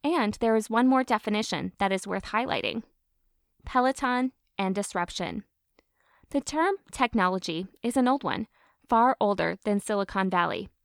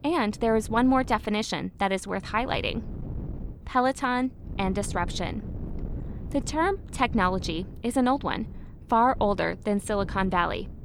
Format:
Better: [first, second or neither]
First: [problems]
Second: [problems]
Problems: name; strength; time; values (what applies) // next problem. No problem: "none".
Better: first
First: none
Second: wind noise on the microphone; occasional gusts; 20 dB below the speech